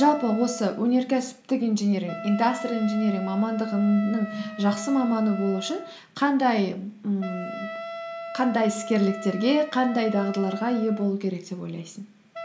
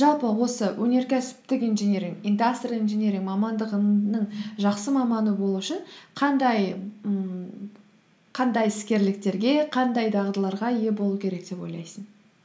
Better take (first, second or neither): second